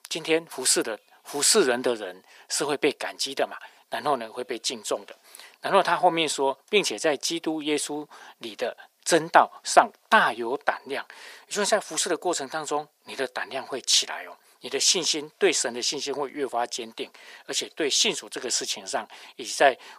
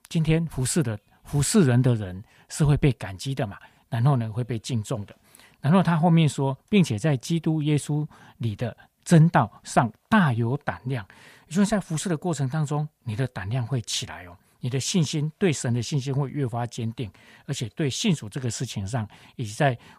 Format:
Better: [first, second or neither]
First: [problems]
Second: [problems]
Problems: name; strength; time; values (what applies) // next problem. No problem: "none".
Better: second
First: thin; very; fading below 350 Hz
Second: none